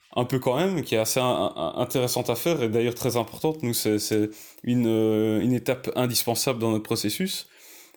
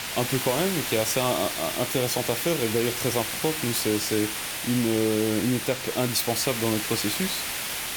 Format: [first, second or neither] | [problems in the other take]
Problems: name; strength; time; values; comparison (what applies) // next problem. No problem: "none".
first | hiss; loud; throughout; 2 dB below the speech